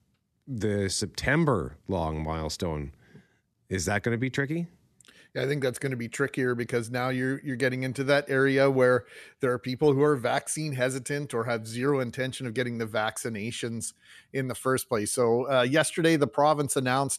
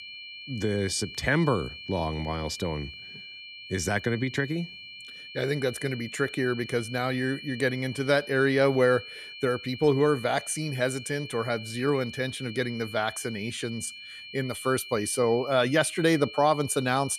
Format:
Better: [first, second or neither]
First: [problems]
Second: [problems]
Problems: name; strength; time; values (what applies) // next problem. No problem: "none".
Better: first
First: none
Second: high-pitched whine; noticeable; throughout; 2.5 kHz, 15 dB below the speech